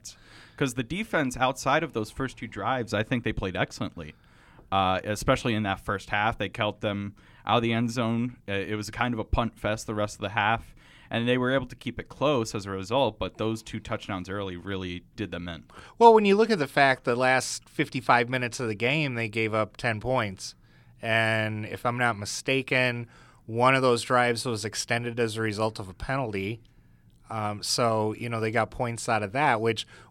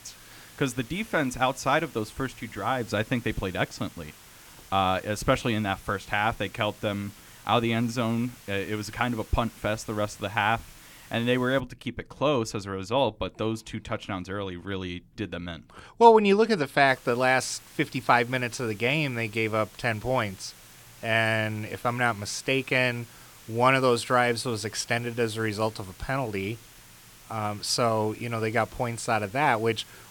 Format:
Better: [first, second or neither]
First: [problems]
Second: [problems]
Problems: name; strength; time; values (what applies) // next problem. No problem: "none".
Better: first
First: none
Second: hiss; faint; until 12 s and from 17 s on; 20 dB below the speech